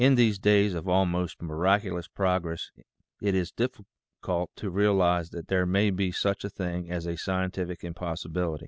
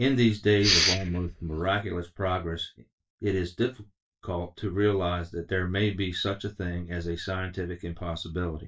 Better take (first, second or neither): first